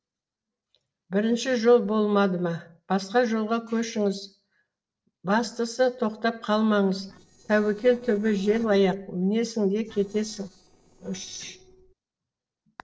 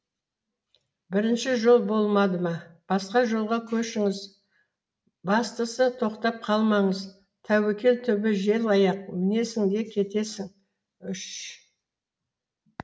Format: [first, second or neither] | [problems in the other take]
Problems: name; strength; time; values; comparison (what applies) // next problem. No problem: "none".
second | noise reduction (neural separator model SepFormer DNS4)